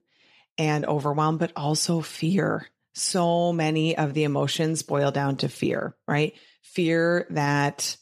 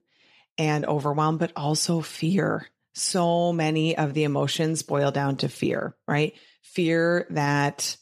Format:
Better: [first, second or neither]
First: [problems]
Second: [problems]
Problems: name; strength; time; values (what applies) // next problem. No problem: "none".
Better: neither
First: none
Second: none